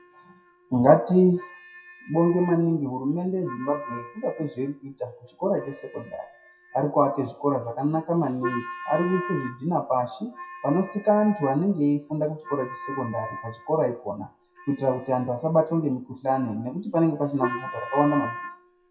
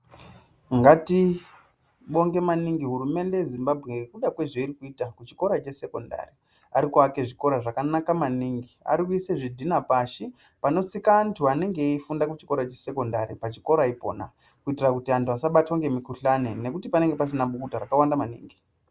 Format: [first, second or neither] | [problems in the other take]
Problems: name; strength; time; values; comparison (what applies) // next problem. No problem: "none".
second | noise reduction (classical method WPE with log-MMSE)